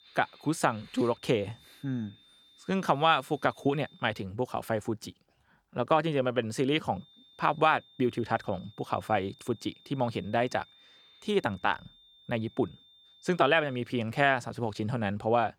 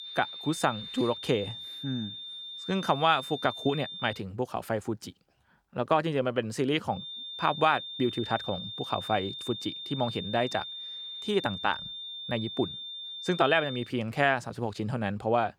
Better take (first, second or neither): first